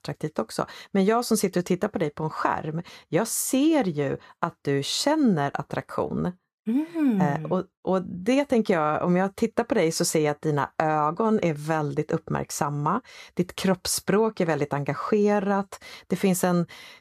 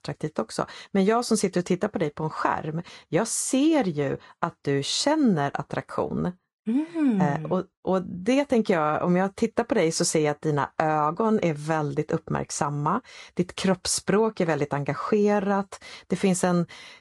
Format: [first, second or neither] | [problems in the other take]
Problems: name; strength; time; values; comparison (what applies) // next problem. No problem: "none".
first | garbled, watery; slightly; nothing above 10.5 kHz